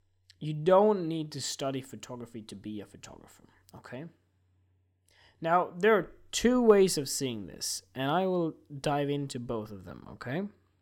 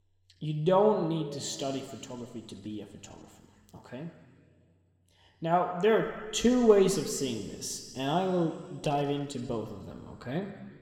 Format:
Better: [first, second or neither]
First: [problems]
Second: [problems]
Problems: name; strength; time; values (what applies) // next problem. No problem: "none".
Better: first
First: none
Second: room echo; slight; dies away in 2 s